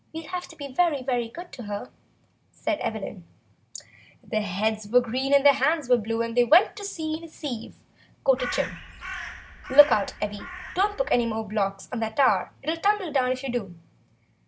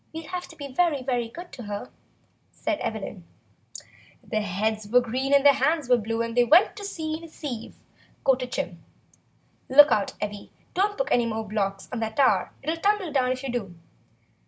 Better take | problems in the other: second | background sound (Crow); 12 dB below the speech

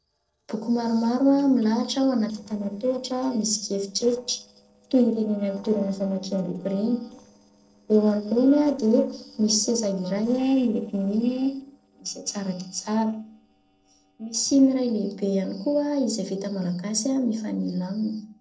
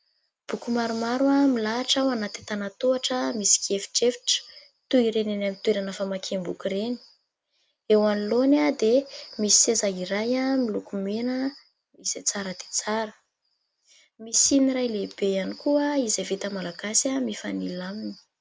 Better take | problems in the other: second | noise reduction (neural separator model SepFormer DNS4)

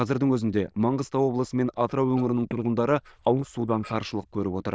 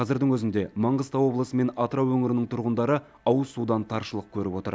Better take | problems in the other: second | noise reduction (neural diffusion model UNIVERSE++)

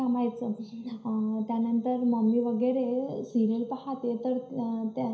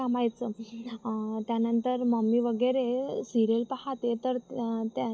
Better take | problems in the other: second | room echo; dies away in 0.5 s

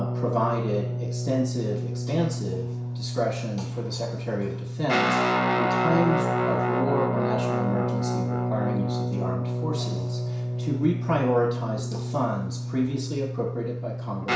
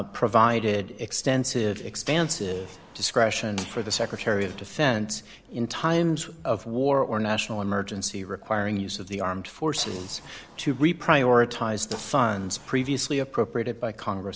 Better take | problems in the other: second | background sound (Guitar); 2 dB above the speech // room echo; dies away in 0.6 s

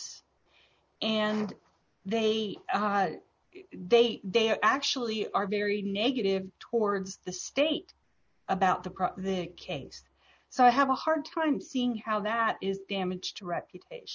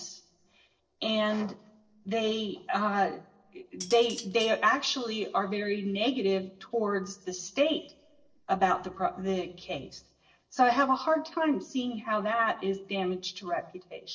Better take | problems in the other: first | noise reduction (neural separator model SepFormer DNS4)

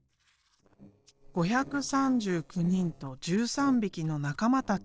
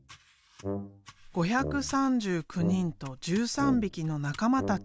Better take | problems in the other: second | noise reduction (neural separator model SepFormer DNS4)

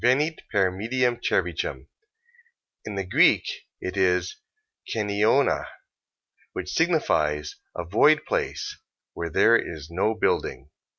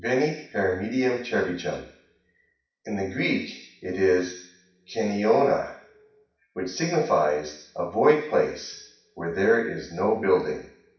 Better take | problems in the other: first | room echo; dies away in 0.6 s

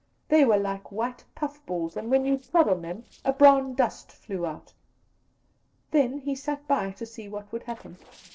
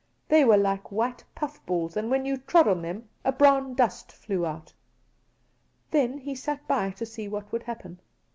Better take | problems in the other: second | noise reduction (neural separator model SepFormer DNS4)

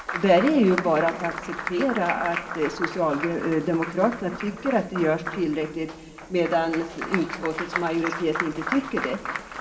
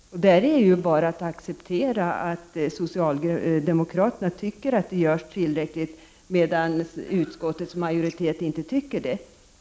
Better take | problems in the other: second | background sound (Applause); 8 dB below the speech // room echo; dies away in 2 s

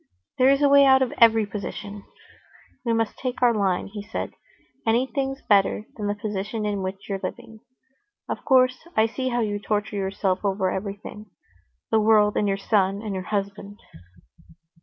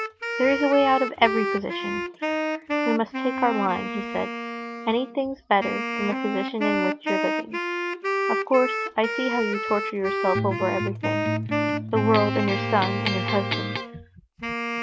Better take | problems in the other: first | background sound (Wind instrument, woodwind instrument + Electric guitar); 1 dB below the speech

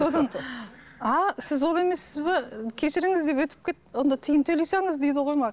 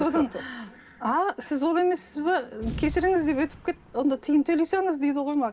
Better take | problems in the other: first | background sound (Boom); 18 dB below the speech // room echo; dies away in 0.3 s

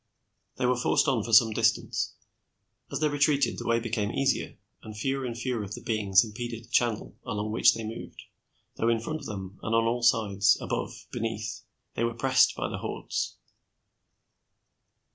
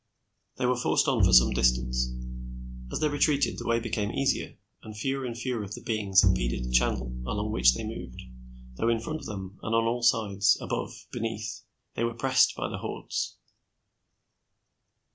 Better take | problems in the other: first | background sound (Bowed string instrument); 1 dB below the speech

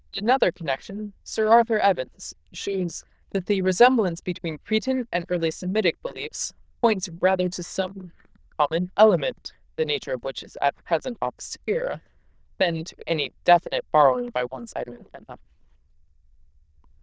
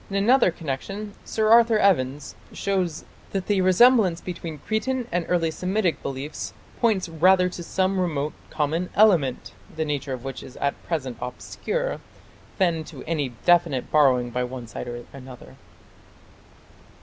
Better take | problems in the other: second | noise reduction (neural diffusion model UNIVERSE++)

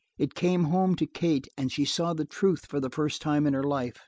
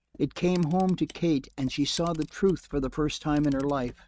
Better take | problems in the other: first | noise reduction (neural mask model RNNoise)

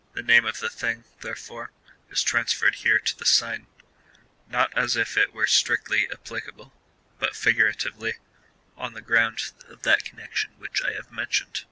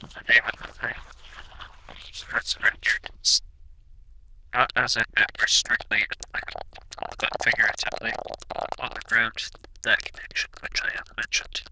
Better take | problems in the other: first | noise reduction (neural diffusion model UNIVERSE++)

